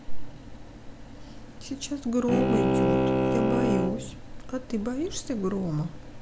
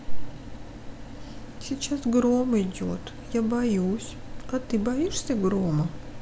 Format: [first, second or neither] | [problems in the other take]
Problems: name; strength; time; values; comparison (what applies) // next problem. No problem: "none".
second | background sound (Bowed string instrument); 3 dB above the speech